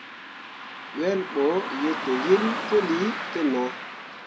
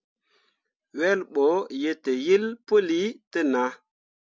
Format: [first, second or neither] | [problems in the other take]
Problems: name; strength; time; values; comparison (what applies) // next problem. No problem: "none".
second | background sound (Car passing by); 7 dB below the speech // room echo; dies away in 0.4 s